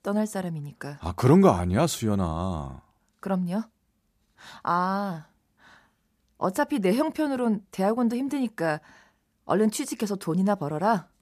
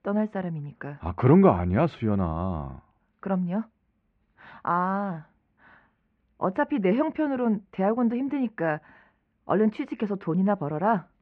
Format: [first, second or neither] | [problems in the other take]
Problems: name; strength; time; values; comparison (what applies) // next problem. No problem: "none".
first | muffled; very; fading above 2.5 kHz